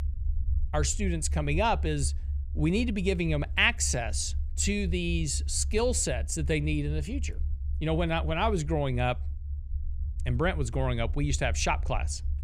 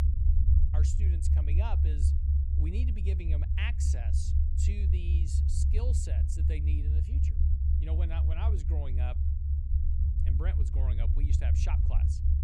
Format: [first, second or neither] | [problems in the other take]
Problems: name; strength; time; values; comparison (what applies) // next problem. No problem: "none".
first | low rumble; loud; throughout; 1 dB below the speech; faint in the first